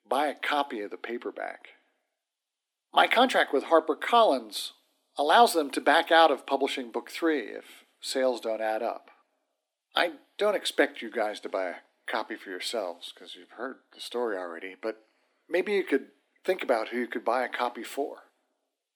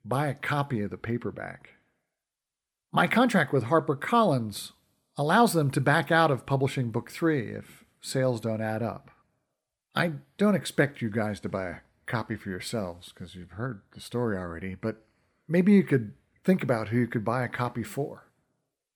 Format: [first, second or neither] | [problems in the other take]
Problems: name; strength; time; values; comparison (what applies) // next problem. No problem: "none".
second | thin; somewhat; fading below 250 Hz